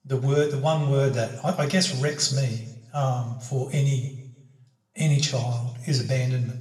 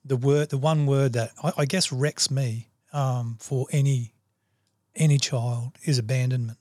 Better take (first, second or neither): second